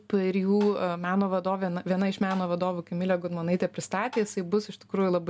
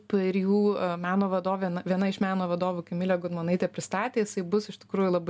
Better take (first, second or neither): second